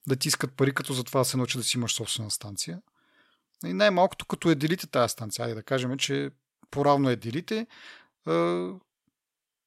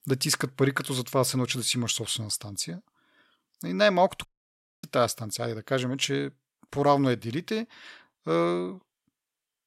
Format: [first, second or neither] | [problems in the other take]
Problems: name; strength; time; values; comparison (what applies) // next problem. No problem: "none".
first | audio cutting out; at 4.5 s for 0.5 s